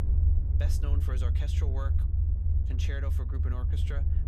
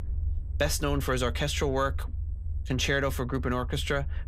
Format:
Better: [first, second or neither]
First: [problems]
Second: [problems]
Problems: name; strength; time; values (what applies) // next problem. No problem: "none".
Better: second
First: low rumble; loud; throughout; 2 dB below the speech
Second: low rumble; faint; throughout; 25 dB below the speech